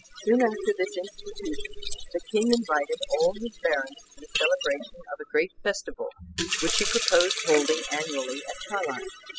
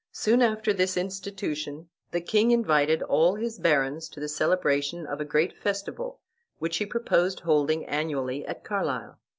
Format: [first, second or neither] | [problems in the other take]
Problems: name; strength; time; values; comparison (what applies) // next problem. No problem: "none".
second | noise reduction (classical method spectral subtraction)